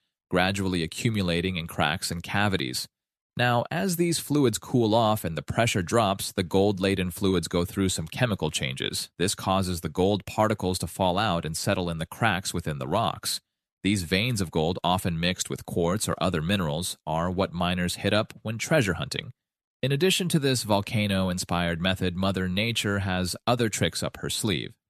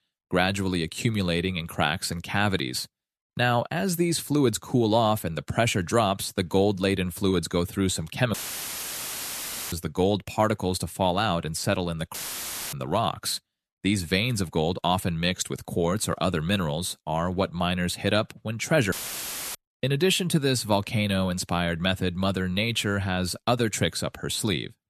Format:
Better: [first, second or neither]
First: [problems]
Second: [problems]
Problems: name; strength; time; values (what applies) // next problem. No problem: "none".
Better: first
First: none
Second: audio cutting out; filled with static; at 8.5 s for 1.5 s, at 12 s for 0.5 s and at 19 s for 0.5 s